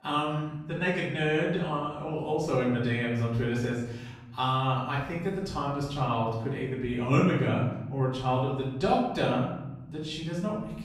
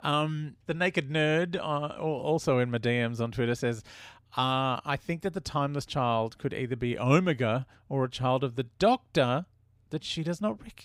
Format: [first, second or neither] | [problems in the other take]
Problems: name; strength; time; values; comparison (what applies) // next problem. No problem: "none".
second | off-mic speech; far // room echo; noticeable; dies away in 1.1 s